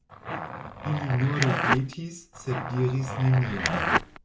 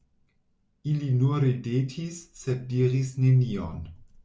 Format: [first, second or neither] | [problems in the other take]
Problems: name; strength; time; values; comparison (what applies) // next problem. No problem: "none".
second | background sound (Zipper (clothing)); 2 dB below the speech